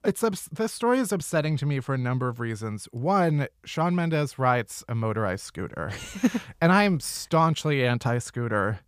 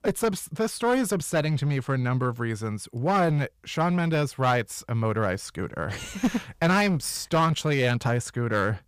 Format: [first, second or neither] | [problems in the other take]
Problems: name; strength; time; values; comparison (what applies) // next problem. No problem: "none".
first | distortion; slight; 7% of the sound clipped